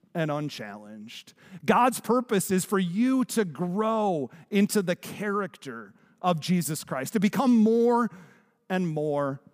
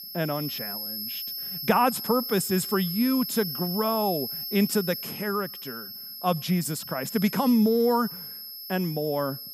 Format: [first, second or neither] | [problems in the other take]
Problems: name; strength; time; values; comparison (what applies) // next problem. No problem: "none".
first | high-pitched whine; loud; throughout; 5.5 kHz, 7 dB below the speech